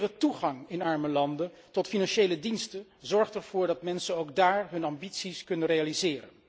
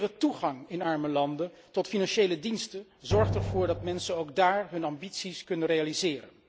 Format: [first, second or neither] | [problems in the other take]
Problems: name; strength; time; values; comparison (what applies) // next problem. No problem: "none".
first | background sound (Drum); 4 dB below the speech